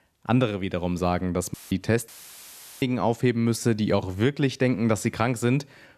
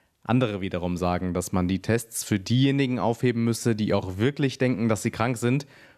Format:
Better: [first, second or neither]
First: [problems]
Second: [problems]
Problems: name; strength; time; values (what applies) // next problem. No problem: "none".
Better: second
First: audio cutting out; filled with static; at 1.5 s and at 2 s for 0.5 s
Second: none